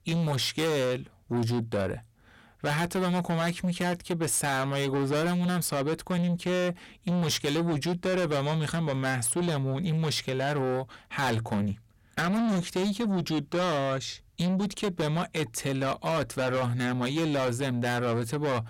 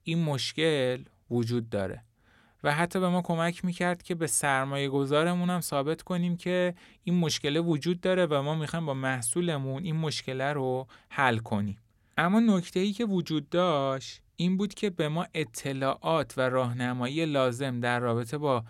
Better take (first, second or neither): second